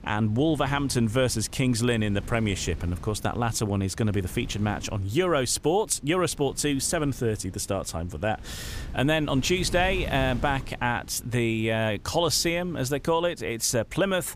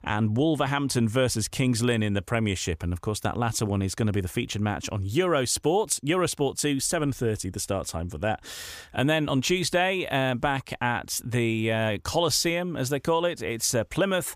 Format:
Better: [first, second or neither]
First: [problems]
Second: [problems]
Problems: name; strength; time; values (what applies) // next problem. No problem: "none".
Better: second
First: wind noise on the microphone; occasional gusts; 20 dB below the speech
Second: none